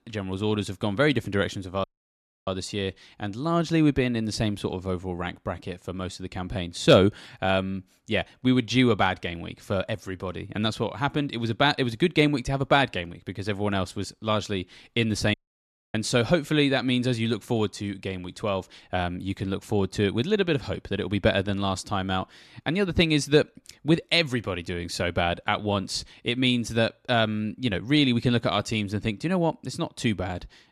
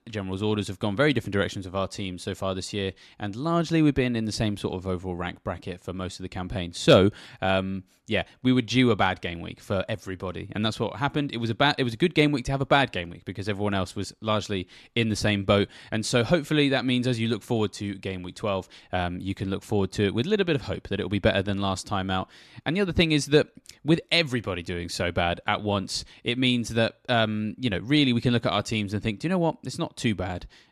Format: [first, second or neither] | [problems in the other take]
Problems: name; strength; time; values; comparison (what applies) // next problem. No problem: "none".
second | audio cutting out; at 2 s for 0.5 s and at 15 s for 0.5 s